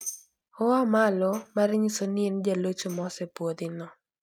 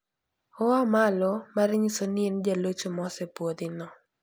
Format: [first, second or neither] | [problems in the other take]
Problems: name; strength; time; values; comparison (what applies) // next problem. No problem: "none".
second | noise reduction (neural mask model RNNoise)